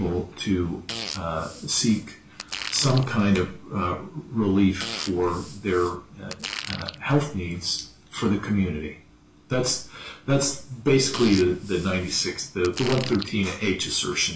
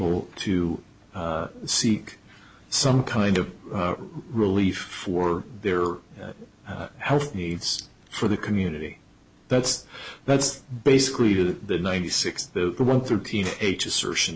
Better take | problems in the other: second | background sound (Fart); 13 dB below the speech // room echo; dies away in 0.4 s

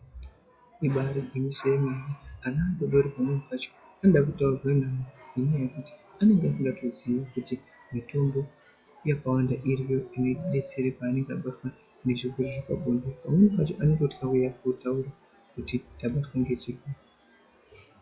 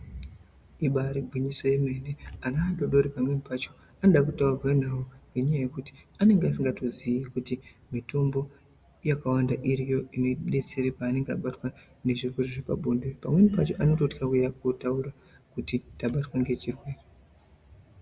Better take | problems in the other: second | noise reduction (classical method log-MMSE)

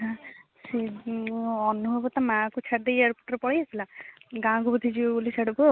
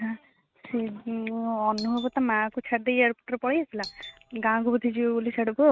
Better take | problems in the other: first | noise reduction (neural mask model RNNoise)

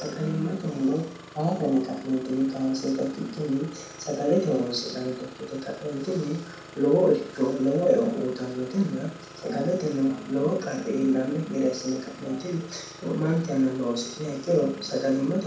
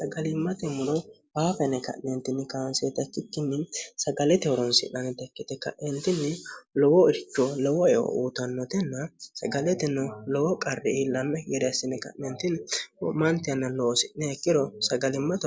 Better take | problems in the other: second | background sound (Engine starting); 18 dB below the speech // room echo; dies away in 0.6 s

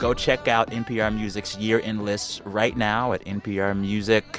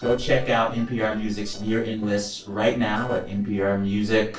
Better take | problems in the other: first | noise reduction (neural separator model SepFormer DNS4)

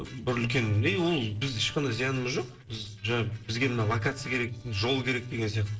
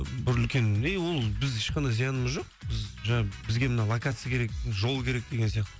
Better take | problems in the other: second | noise reduction (neural separator model SepFormer DNS4)

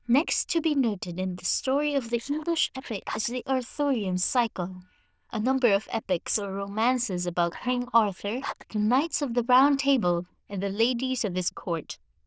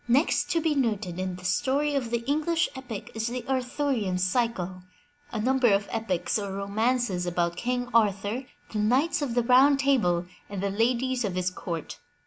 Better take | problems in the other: second | noise reduction (neural diffusion model UNIVERSE++)

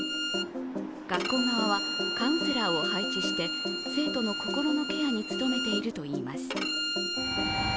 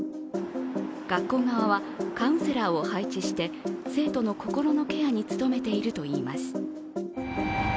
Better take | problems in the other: second | background sound (Bowed string instrument); 2 dB below the speech

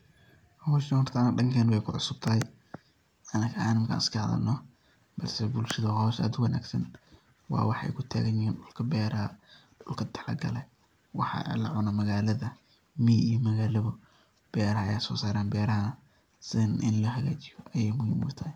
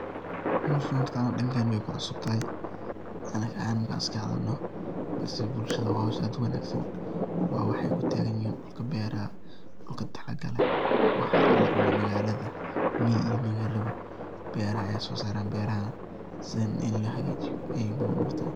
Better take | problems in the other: first | background sound (Thunder); 1 dB above the speech

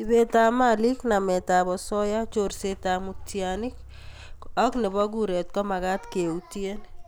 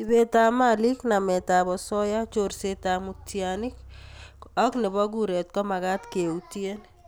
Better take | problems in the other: second | background sound (Water / Splash, splatter); 14 dB below the speech

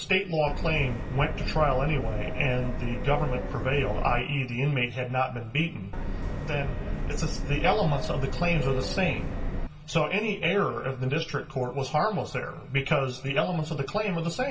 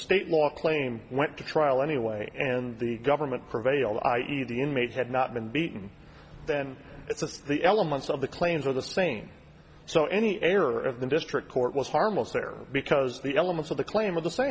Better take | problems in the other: second | background sound (Subway, metro, underground); 2 dB below the speech // room echo; dies away in 0.2 s

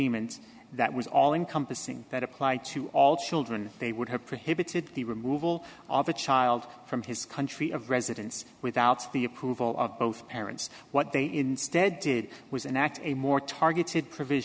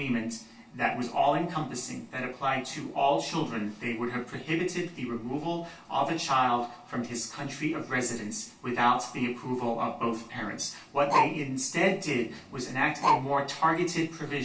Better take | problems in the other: first | background sound (Bark); 2 dB below the speech // room echo; dies away in 0.3 s

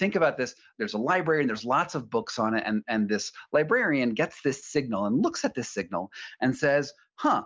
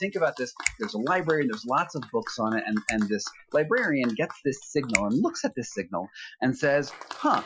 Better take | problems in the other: first | noise reduction (classical method Wiener filter)

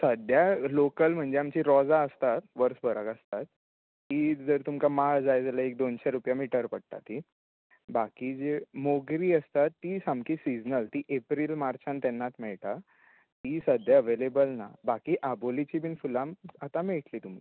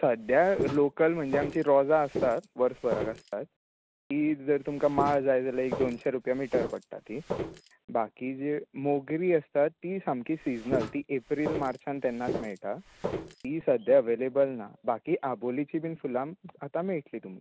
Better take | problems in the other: first | background sound (Walk, footsteps); 8 dB below the speech

